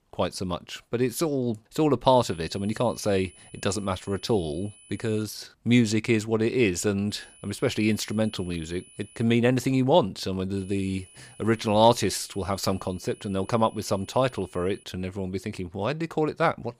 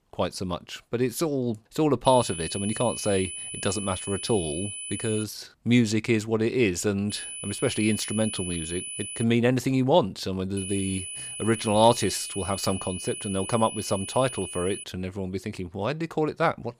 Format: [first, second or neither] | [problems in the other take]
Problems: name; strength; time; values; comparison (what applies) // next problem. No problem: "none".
first | high-pitched whine; loud; from 2 to 5 s, from 7 to 9 s and from 11 to 15 s; 10 kHz, 7 dB below the speech; faint in the first